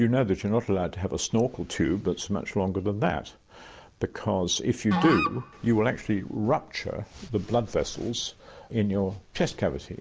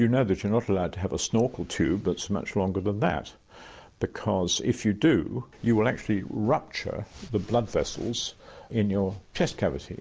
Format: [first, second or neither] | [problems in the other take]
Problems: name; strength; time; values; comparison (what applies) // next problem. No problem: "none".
second | background sound (Musical instrument); 6 dB below the speech